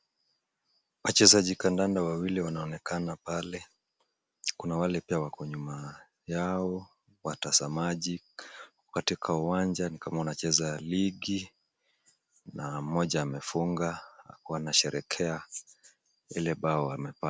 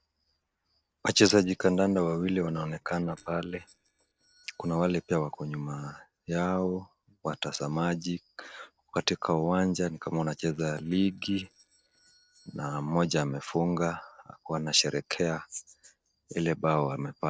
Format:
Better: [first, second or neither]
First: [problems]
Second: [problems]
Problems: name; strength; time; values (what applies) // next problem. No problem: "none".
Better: first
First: none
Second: noise reduction (neural separator model SepFormer DNS4)